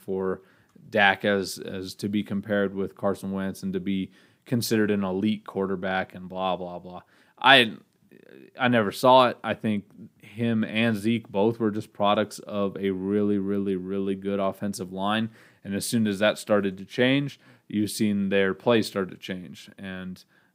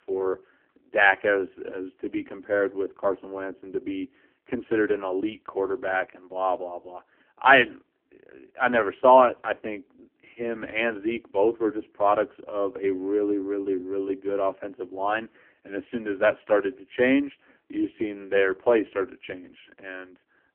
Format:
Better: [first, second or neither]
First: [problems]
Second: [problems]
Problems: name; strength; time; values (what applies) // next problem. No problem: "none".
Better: first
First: none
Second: phone-call audio; poor line; nothing above 3 kHz